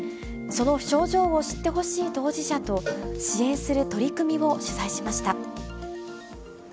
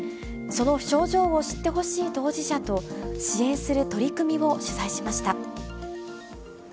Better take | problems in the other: second | background sound (Cowbell); 15 dB below the speech

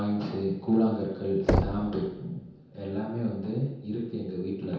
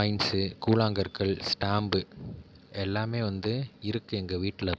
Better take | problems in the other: second | background sound (Knock); 3 dB below the speech // room echo; dies away in 0.9 s

